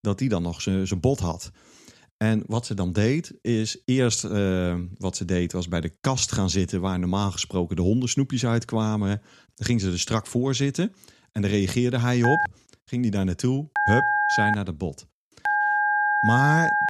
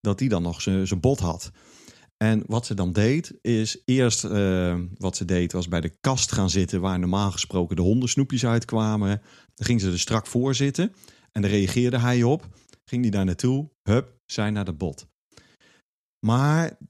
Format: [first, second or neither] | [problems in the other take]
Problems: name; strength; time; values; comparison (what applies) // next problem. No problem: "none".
second | phone ringing; loud; from 12 s on; peak 4 dB above the speech